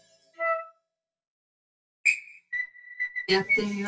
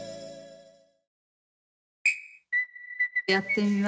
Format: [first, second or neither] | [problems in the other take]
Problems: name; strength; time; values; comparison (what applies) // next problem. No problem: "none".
second | noise reduction (classical method WPE with log-MMSE)